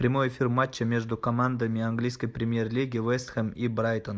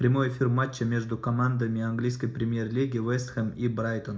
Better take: first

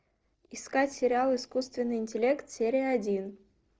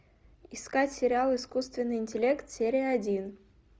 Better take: second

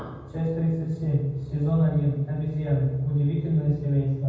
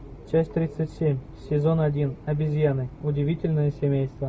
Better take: second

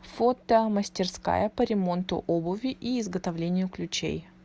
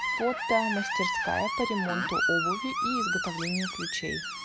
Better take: first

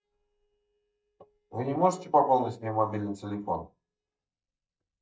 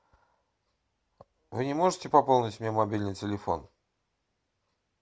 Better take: second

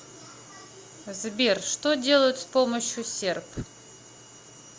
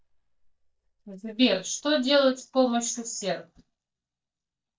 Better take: first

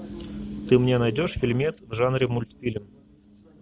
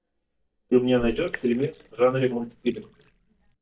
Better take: first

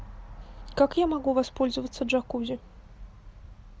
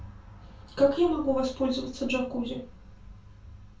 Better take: first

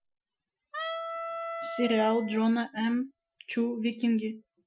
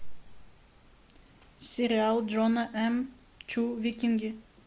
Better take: second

